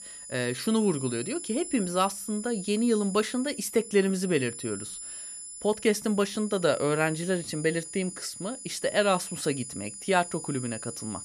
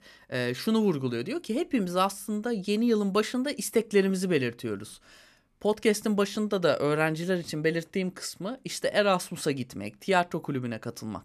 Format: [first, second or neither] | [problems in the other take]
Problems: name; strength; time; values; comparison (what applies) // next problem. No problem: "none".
second | high-pitched whine; loud; throughout; 10 kHz, 10 dB below the speech